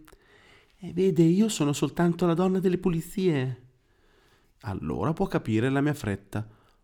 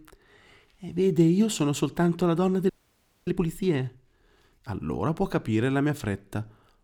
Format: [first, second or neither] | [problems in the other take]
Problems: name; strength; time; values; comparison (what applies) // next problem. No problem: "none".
first | audio freezing; at 2.5 s for 0.5 s